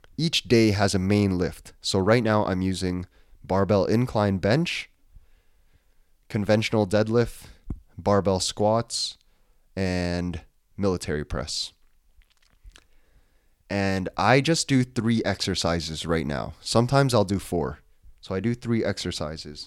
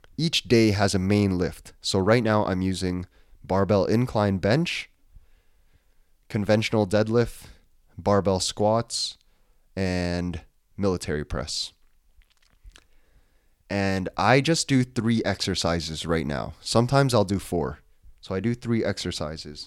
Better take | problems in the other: second | footsteps; faint; at 7.5 s; peak 15 dB below the speech

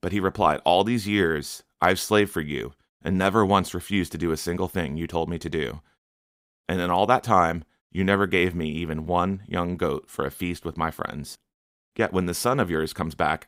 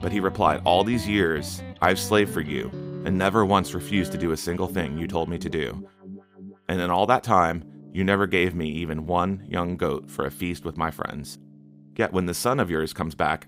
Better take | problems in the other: first | background music; noticeable; throughout; 15 dB below the speech

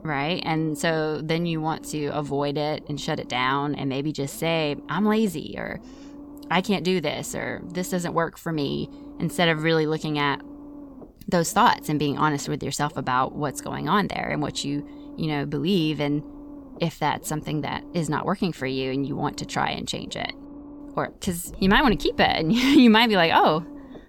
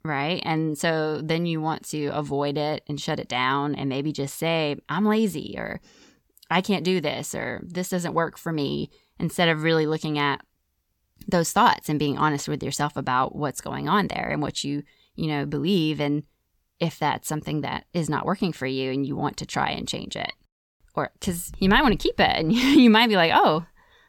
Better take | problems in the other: second | low rumble; faint; throughout; 20 dB below the speech

